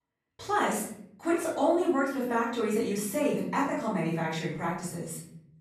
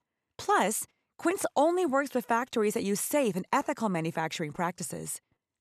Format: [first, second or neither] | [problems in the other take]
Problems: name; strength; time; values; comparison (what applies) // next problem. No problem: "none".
second | off-mic speech; far // room echo; noticeable; dies away in 0.9 s